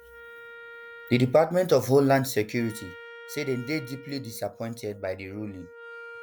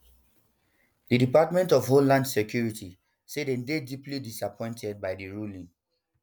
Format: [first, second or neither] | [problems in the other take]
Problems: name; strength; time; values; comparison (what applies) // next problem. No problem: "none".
second | background sound (Wind instrument, woodwind instrument); 19 dB below the speech